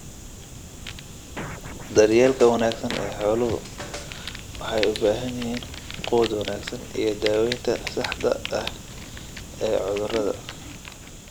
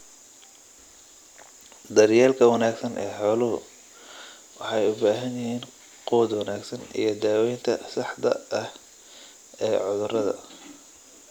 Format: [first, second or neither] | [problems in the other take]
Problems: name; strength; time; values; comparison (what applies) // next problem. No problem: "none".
second | background sound (Fire + Scratching (performance technique)); 10 dB below the speech